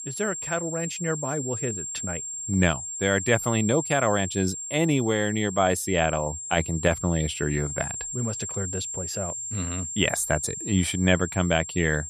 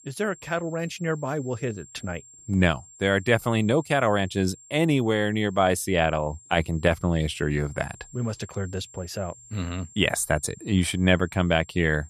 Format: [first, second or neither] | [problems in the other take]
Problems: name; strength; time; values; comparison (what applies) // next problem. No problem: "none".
second | high-pitched whine; loud; throughout; 7.5 kHz, 6 dB below the speech; faint in the second